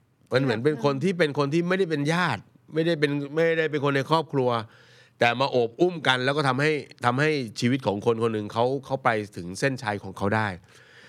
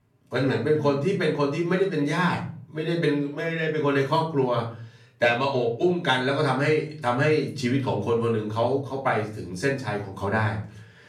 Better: first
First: none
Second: off-mic speech; far // room echo; slight; dies away in 0.4 s

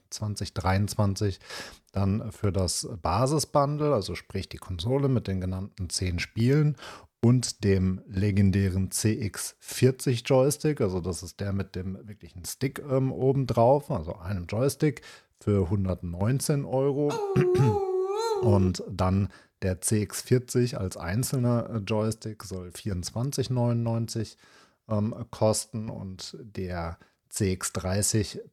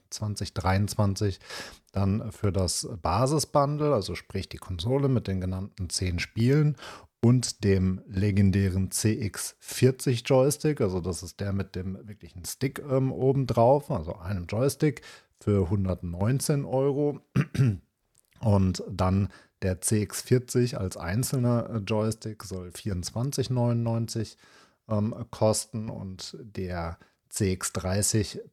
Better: second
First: dog barking; loud; from 17 to 19 s; peak 2 dB above the speech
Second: none

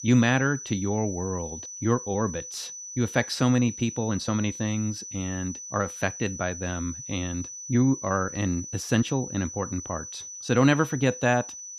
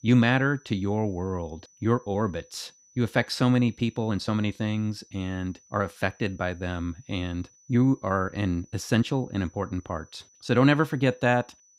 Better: second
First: high-pitched whine; loud; throughout; 6 kHz, 10 dB below the speech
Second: high-pitched whine; faint; throughout; 6 kHz, 30 dB below the speech

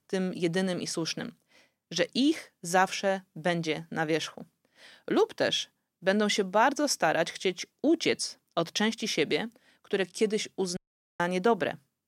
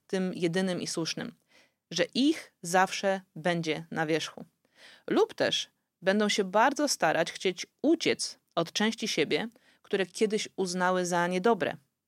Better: second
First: audio cutting out; at 11 s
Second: none

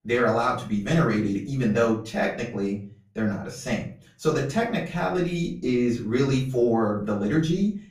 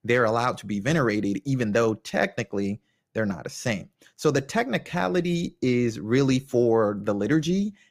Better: second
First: off-mic speech; far // room echo; slight; dies away in 0.4 s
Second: none

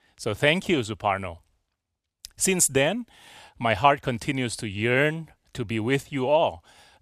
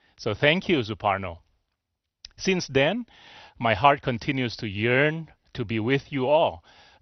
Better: first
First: none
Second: garbled, watery; slightly; nothing above 6 kHz

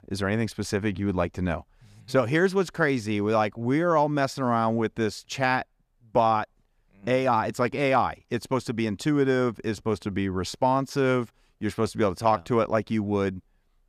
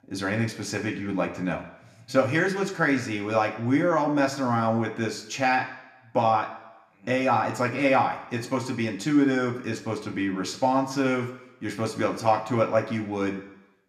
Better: first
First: none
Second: room echo; slight; dies away in 0.7 s

